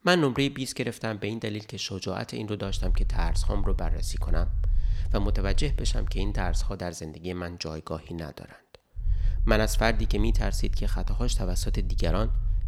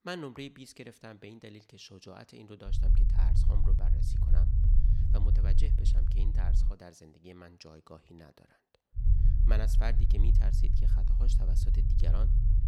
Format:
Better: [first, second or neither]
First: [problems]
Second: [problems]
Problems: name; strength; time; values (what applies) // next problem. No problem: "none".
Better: first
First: low rumble; faint; from 2.5 to 6.5 s and from 9 s on; 20 dB below the speech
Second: low rumble; loud; from 2.5 to 6.5 s and from 9 s on; 2 dB below the speech